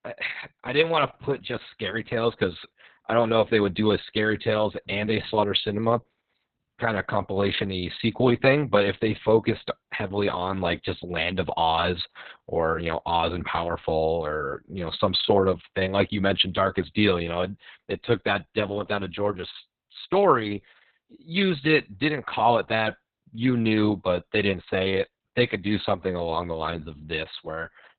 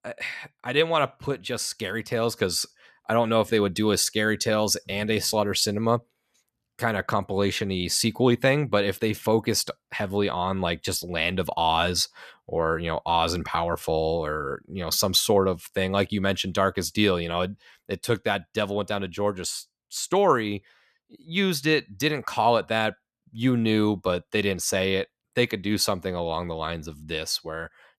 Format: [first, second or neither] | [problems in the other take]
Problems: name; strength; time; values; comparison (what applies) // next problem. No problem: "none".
second | garbled, watery; badly; nothing above 4 kHz